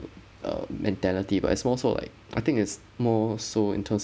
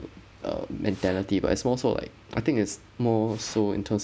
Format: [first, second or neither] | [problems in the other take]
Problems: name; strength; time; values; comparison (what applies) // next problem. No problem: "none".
first | background sound (Fire); 18 dB below the speech